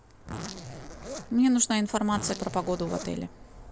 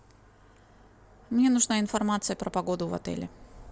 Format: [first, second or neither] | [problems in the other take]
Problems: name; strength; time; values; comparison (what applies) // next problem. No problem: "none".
second | background sound (Zipper (clothing)); 12 dB below the speech